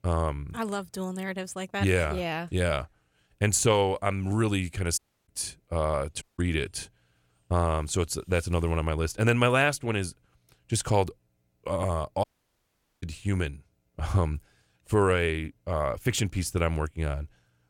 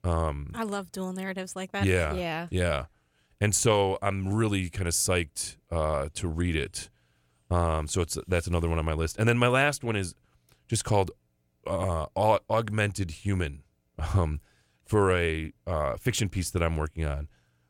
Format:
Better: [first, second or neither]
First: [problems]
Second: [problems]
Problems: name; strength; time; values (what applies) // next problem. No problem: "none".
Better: second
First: audio cutting out; at 5 s, at 6 s and at 12 s for 1 s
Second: none